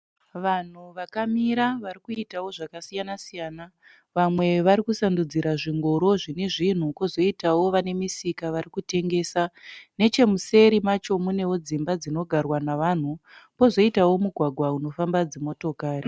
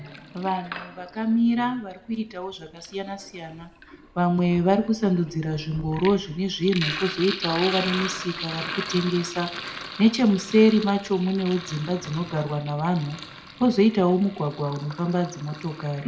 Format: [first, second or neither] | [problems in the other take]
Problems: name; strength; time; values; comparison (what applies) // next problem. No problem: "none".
first | background sound (Sink (filling or washing)); 12 dB below the speech // room echo; dies away in 0.7 s